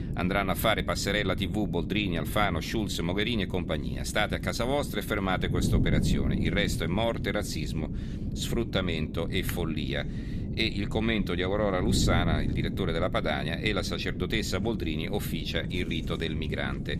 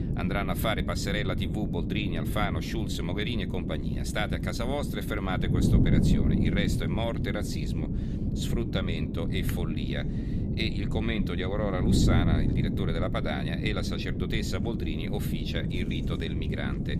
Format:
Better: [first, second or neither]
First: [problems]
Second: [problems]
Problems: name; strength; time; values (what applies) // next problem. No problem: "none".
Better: first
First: wind noise on the microphone; occasional gusts; 10 dB below the speech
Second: wind noise on the microphone; heavy; 4 dB below the speech